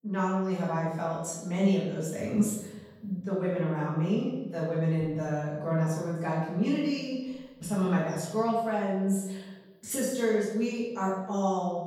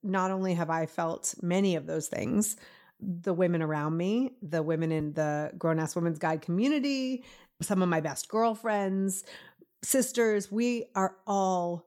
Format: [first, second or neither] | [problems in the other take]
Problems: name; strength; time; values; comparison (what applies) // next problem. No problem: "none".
second | off-mic speech; far // room echo; noticeable; dies away in 1 s